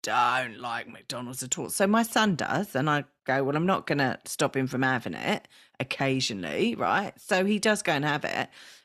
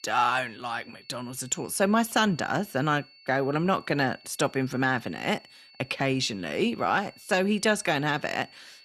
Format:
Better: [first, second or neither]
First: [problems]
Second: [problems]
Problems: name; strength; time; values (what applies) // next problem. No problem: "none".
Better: first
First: none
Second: high-pitched whine; faint; throughout; 4.5 kHz, 25 dB below the speech